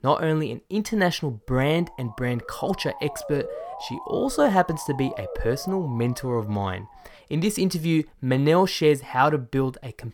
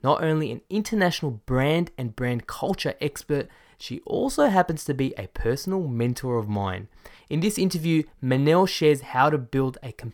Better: second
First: siren; noticeable; from 1.5 to 7 s; peak 10 dB below the speech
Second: none

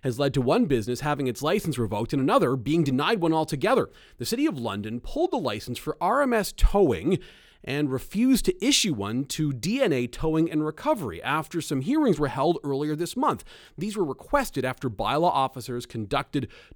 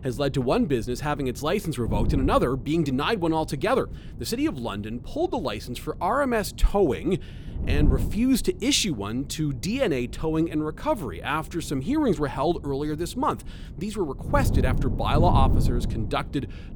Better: first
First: none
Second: wind noise on the microphone; occasional gusts; 15 dB below the speech

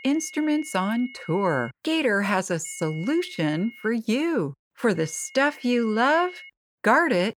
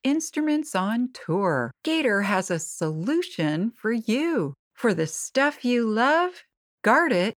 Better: second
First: high-pitched whine; noticeable; until 1.5 s, from 2.5 to 4 s and from 5 to 6.5 s; 2 kHz, 20 dB below the speech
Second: none

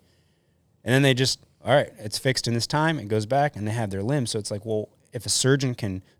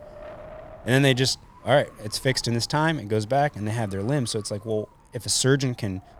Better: first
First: none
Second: wind noise on the microphone; occasional gusts; 20 dB below the speech

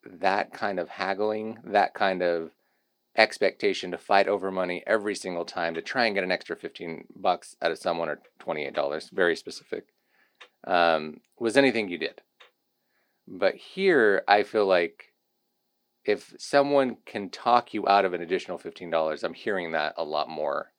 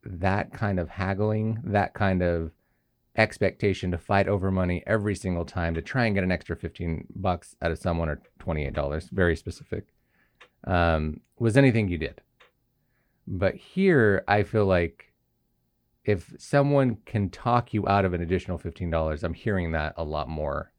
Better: second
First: thin; somewhat; fading below 300 Hz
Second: none

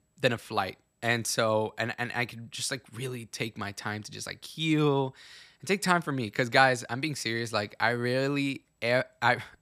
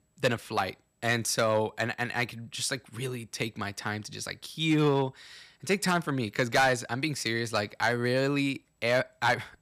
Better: first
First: none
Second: distortion; slight; 1.7% of the sound clipped

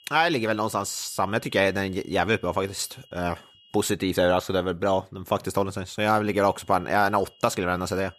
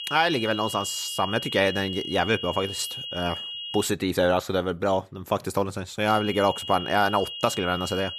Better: first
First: high-pitched whine; faint; until 4 s and from 6 s on; 3 kHz, 30 dB below the speech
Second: high-pitched whine; loud; until 4 s and from 6 s on; 3 kHz, 7 dB below the speech

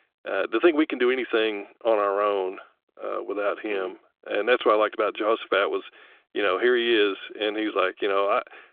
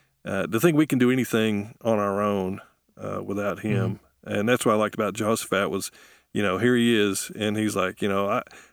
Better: second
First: phone-call audio; nothing above 3.5 kHz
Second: none

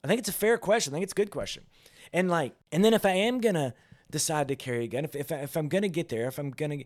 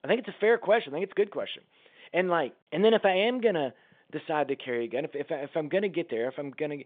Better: first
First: none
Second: phone-call audio

